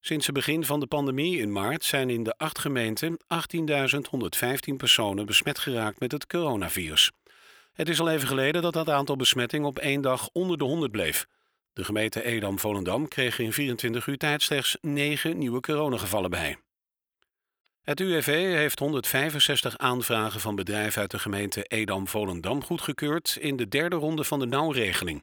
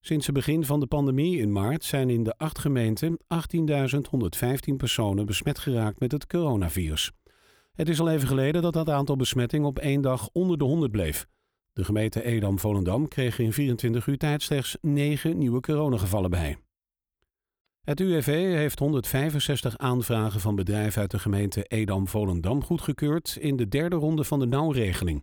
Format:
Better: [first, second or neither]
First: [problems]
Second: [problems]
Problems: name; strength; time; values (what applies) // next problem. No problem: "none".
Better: second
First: thin; somewhat; fading below 1 kHz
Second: none